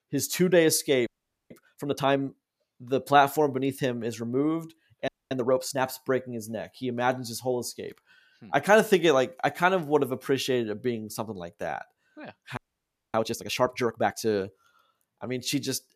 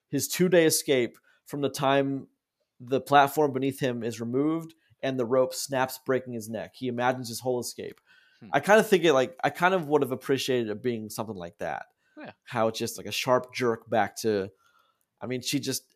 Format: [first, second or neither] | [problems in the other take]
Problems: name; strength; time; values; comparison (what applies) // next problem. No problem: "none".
second | audio freezing; at 1 s, at 5 s and at 13 s for 0.5 s